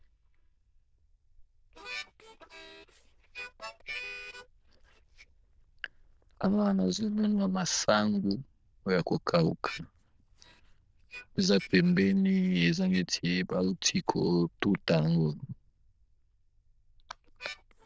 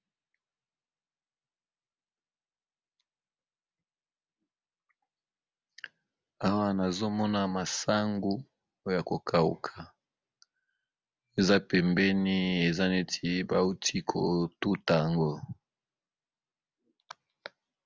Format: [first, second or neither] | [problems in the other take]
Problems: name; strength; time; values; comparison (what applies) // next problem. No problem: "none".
second | noise reduction (neural diffusion model UNIVERSE++)